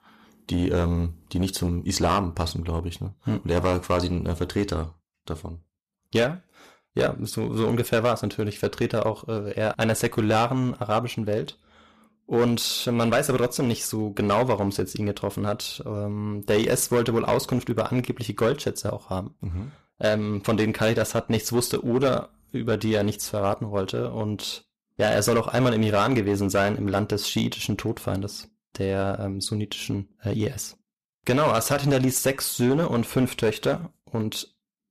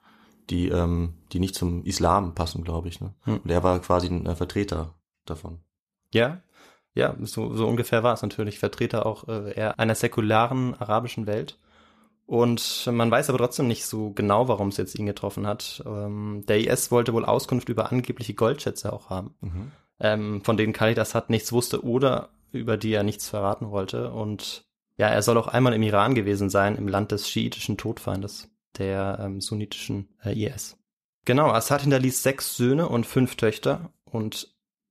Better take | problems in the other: second | distortion; slight; 5% of the sound clipped

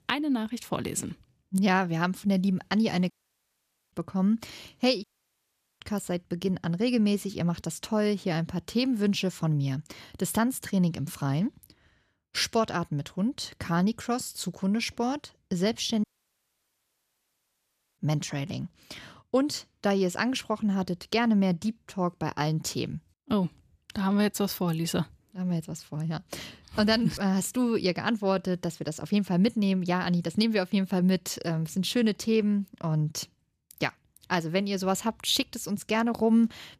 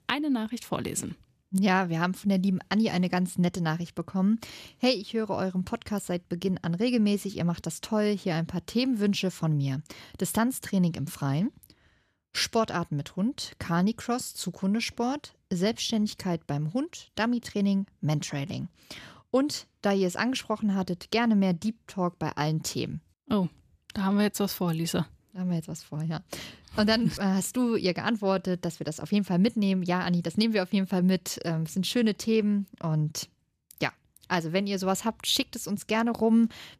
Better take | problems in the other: second | audio cutting out; at 3 s for 1 s, at 5 s for 1 s and at 16 s for 2 s

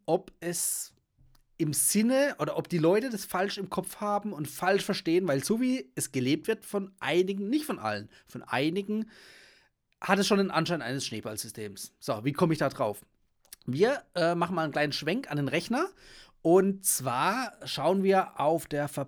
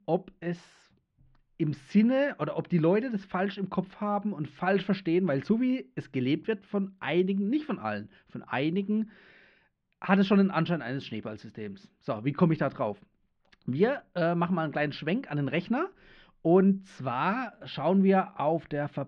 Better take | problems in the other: first | muffled; slightly; fading above 3.5 kHz

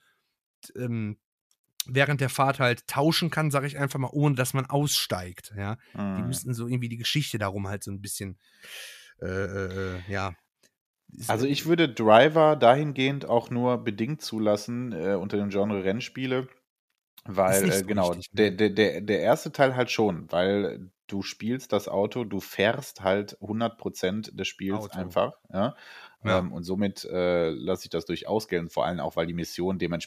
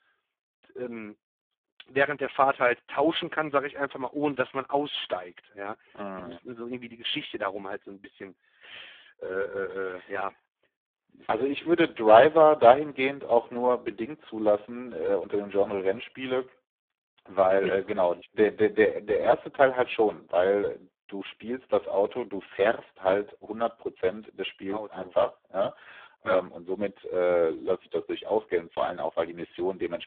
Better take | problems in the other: first | phone-call audio; poor line

